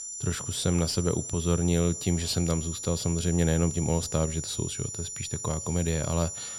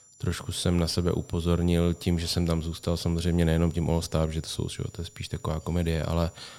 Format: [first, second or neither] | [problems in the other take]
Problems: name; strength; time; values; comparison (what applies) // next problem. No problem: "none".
second | high-pitched whine; loud; throughout; 7 kHz, 6 dB below the speech; faint in the second